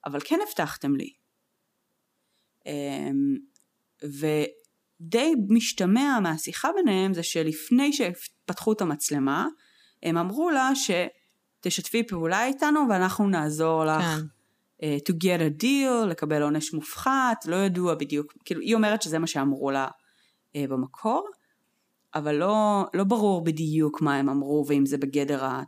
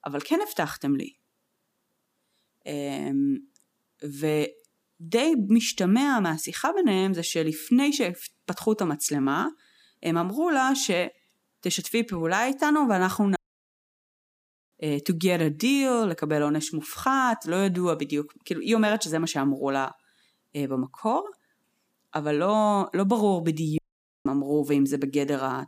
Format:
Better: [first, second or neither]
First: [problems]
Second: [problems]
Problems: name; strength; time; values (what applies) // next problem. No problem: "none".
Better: first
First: none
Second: audio cutting out; at 13 s for 1.5 s and at 24 s